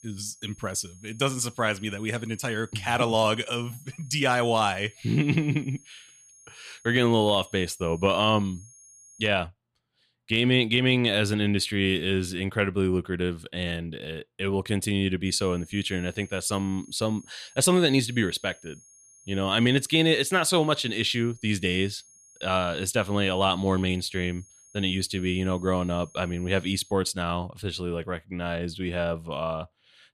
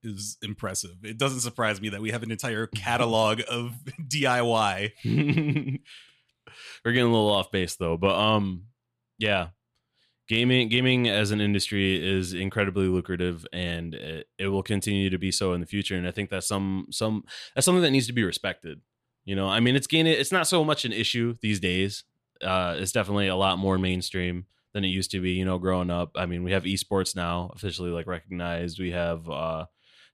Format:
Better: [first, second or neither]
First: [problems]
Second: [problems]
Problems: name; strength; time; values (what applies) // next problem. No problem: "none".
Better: second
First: high-pitched whine; faint; until 9.5 s and from 15 to 27 s; 6.5 kHz, 25 dB below the speech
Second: none